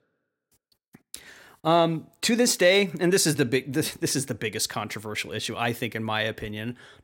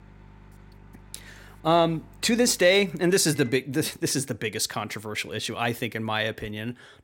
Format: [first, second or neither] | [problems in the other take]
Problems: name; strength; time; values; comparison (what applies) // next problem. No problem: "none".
first | household noises; faint; throughout; 25 dB below the speech